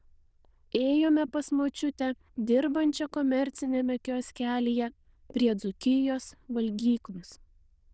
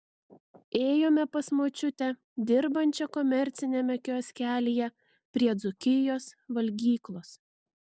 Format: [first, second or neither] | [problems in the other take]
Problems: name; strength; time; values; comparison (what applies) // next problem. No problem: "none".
second | noise reduction (neural diffusion model UNIVERSE++)